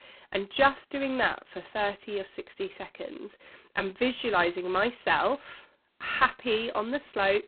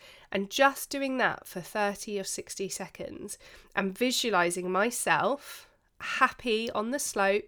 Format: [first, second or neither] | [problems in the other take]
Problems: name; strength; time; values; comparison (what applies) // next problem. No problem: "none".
second | phone-call audio; poor line; nothing above 4 kHz